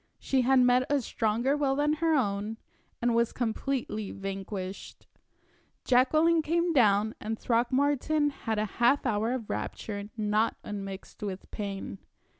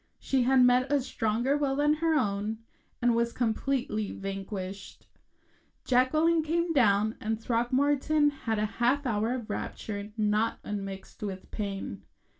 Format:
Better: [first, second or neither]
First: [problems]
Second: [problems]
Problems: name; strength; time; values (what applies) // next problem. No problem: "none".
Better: first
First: none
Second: room echo; dies away in 0.2 s